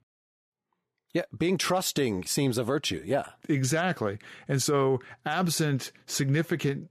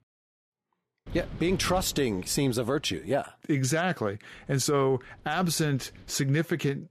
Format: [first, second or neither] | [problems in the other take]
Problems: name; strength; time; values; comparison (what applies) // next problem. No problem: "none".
first | wind noise on the microphone; occasional gusts; from 1 to 3 s and from 4.5 to 6 s; 20 dB below the speech